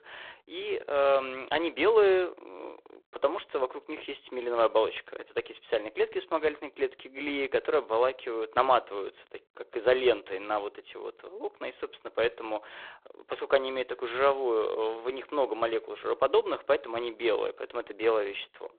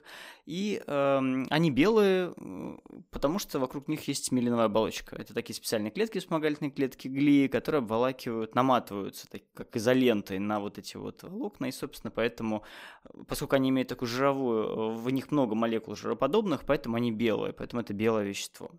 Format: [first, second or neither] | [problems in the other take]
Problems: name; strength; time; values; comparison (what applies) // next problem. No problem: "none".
second | phone-call audio; poor line